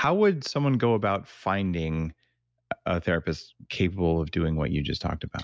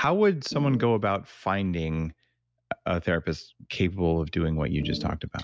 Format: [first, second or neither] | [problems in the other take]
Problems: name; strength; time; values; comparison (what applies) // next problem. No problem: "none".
first | background sound (Organ); 7 dB below the speech